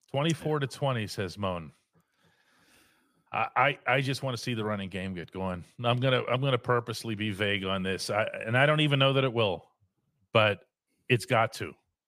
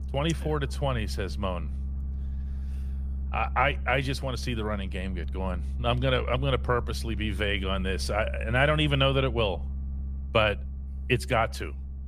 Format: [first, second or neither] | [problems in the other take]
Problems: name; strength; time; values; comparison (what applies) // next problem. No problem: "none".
first | low rumble; faint; throughout; 25 dB below the speech